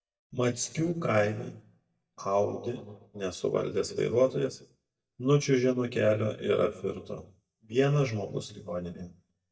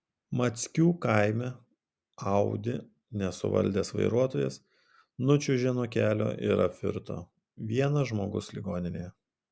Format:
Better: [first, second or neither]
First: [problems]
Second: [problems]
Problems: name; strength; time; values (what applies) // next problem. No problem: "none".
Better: second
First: noise reduction (neural mask model DeepFilterNet 3)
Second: none